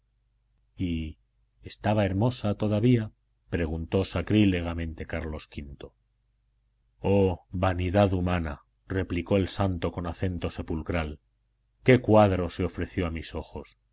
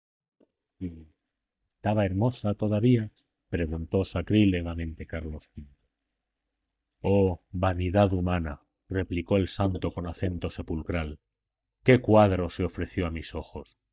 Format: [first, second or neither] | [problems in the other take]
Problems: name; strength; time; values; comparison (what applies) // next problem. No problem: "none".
first | noise reduction (neural mask model DeepFilterNet 3)